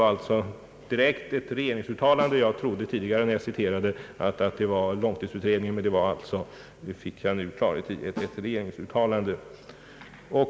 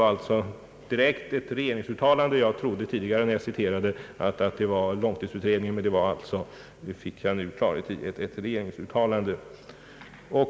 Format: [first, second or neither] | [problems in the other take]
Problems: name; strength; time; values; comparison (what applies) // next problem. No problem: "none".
second | background sound (Snare drum); 18 dB below the speech